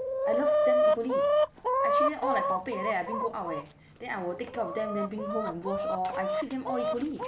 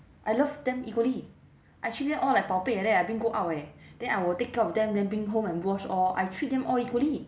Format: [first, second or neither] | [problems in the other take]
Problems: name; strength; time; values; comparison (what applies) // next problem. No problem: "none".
second | background sound (Chicken, rooster); 5 dB above the speech